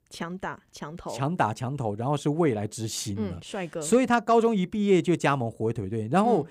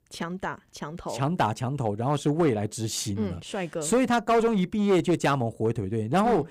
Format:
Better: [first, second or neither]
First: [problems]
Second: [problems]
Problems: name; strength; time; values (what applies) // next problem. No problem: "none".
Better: first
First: none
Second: distortion; slight; 6% of the sound clipped